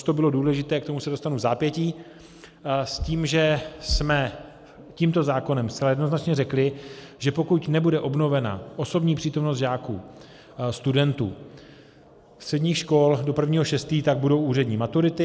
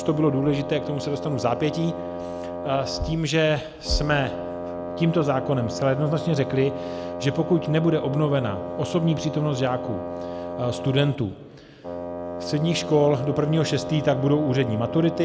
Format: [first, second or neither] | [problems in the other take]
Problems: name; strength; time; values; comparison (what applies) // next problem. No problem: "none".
first | background sound (Wind instrument, woodwind instrument); 8 dB below the speech